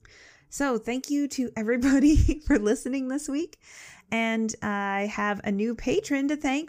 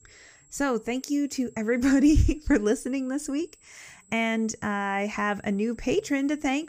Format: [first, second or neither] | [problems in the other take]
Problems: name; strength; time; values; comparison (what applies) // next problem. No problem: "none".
first | high-pitched whine; faint; throughout; 7.5 kHz, 30 dB below the speech